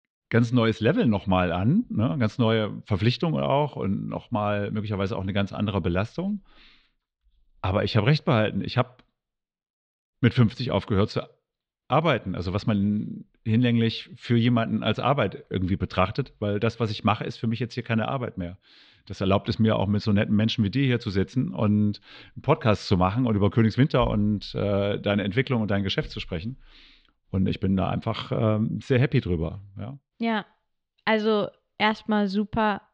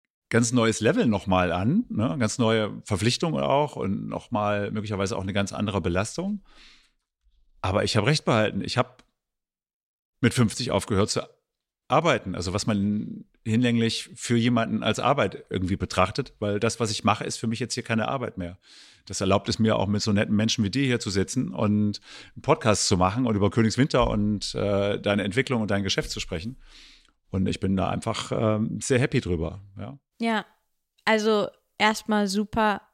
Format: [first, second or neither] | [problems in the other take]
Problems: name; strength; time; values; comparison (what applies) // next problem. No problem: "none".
second | muffled; slightly; fading above 3.5 kHz